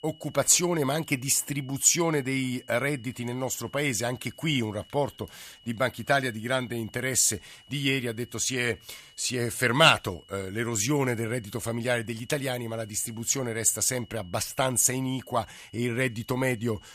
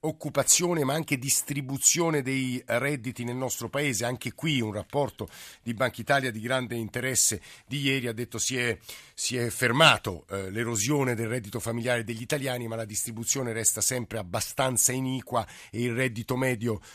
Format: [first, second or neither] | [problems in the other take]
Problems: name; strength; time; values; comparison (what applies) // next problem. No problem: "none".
second | high-pitched whine; faint; throughout; 3 kHz, 25 dB below the speech